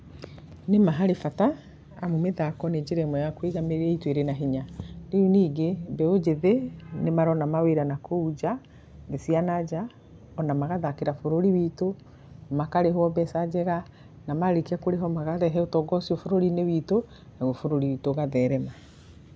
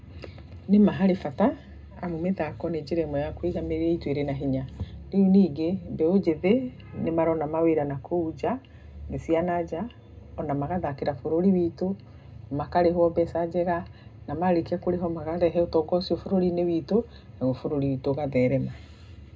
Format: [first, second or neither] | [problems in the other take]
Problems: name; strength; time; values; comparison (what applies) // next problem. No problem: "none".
first | room echo; dies away in 0.2 s